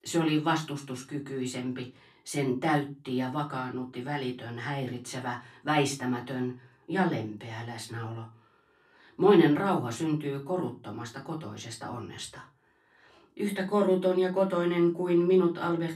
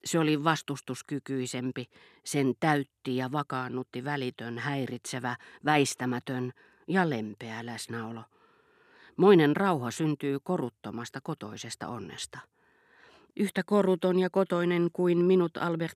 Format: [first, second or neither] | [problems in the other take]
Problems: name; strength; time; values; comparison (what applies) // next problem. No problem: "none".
second | off-mic speech; far // room echo; very slight; dies away in 0.2 s